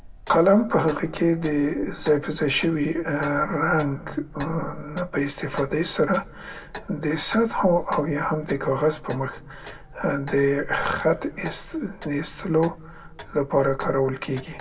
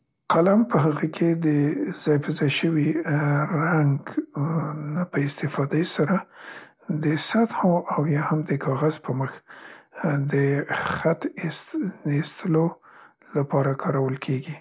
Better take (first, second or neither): second